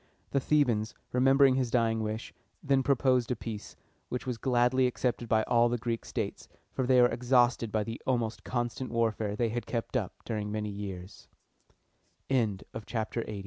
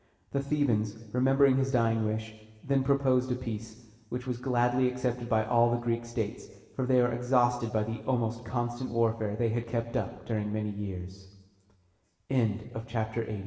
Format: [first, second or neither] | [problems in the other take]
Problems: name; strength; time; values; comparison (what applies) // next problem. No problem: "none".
first | room echo; dies away in 1.3 s